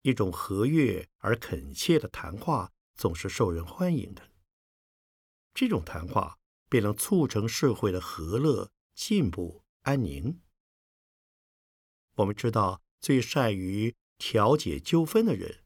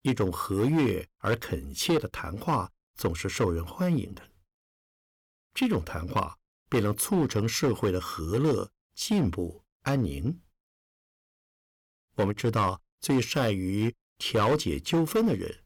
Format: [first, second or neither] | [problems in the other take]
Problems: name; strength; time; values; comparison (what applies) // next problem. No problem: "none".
first | distortion; slight; 6% of the sound clipped